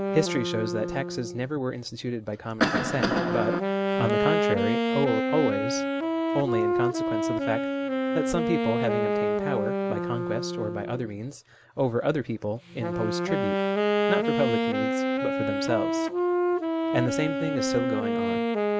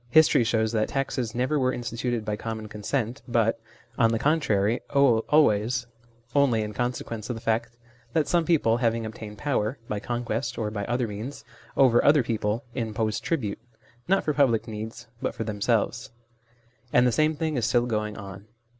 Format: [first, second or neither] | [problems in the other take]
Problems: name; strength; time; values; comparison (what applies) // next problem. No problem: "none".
second | background sound (Cough + Wind instrument, woodwind instrument); 3 dB above the speech